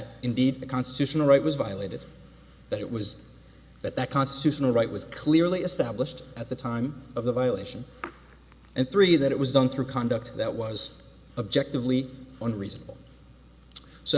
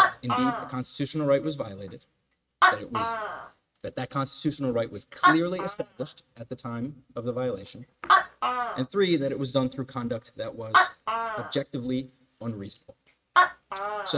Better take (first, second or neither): first